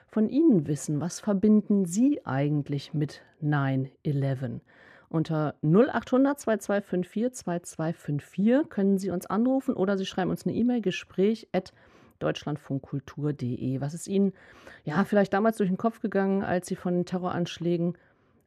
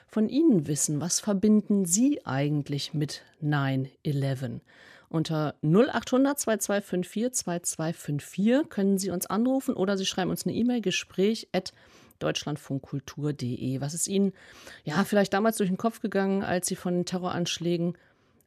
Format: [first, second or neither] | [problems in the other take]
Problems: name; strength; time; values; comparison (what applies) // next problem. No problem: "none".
second | muffled; slightly; fading above 3 kHz